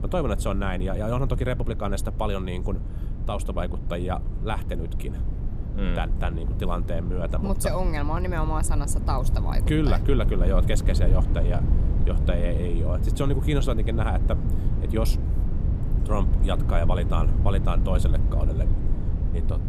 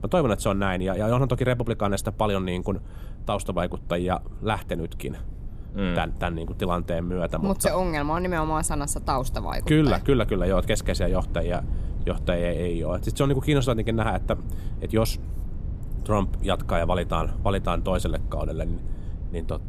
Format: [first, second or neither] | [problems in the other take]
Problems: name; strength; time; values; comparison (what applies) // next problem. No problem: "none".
second | low rumble; loud; throughout; 9 dB below the speech; faint in the second